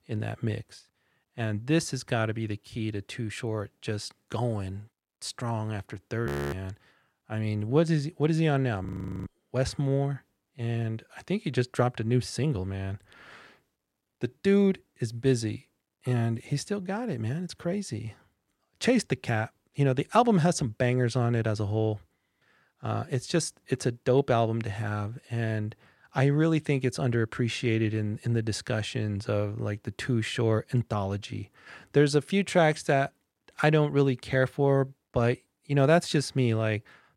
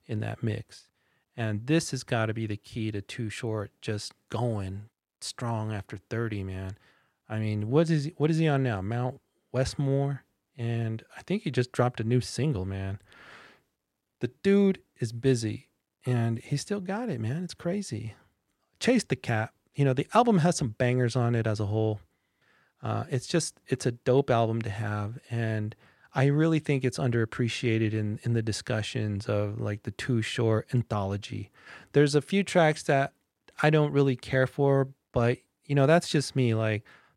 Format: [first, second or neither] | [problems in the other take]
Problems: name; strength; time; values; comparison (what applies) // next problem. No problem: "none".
second | audio freezing; at 6.5 s and at 9 s